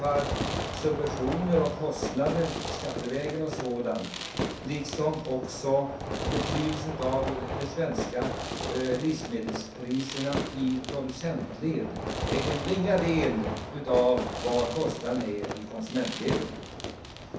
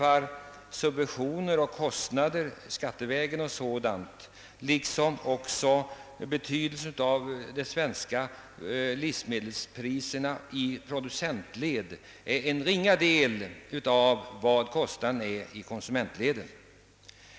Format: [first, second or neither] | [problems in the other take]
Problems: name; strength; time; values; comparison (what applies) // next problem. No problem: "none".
second | background sound (Fireworks); 4 dB below the speech // room echo; dies away in 0.6 s